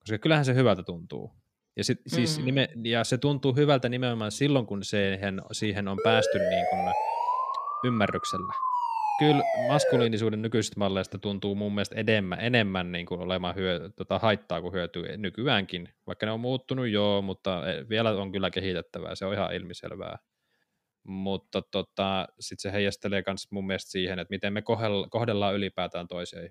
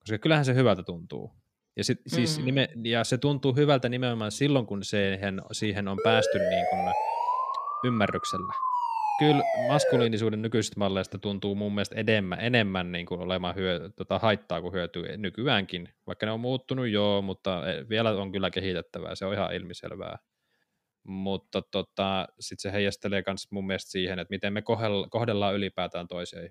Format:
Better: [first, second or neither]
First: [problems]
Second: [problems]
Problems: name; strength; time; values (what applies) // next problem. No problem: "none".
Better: neither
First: siren; loud; from 6 to 10 s; peak 2 dB above the speech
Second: siren; loud; from 6 to 10 s; peak 2 dB above the speech